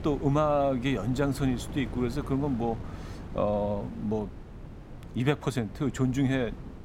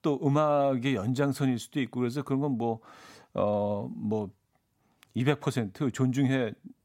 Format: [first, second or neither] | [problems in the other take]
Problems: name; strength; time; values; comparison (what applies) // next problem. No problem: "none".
second | wind noise on the microphone; occasional gusts; 15 dB below the speech